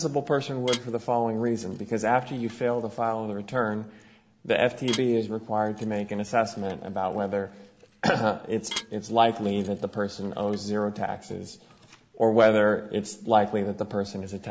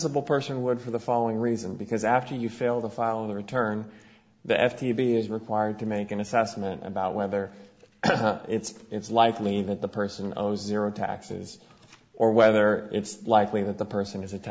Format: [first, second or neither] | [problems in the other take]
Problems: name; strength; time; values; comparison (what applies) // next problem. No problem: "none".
second | background sound (Dishes, pots, and pans / Glass); 18 dB below the speech